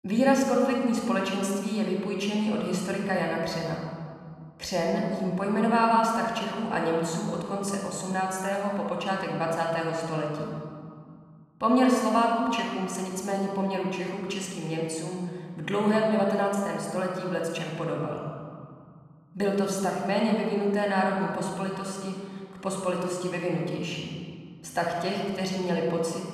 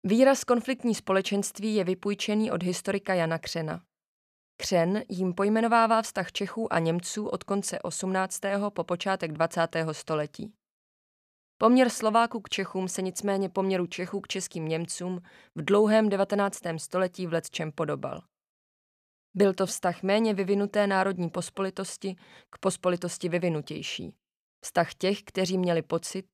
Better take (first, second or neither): second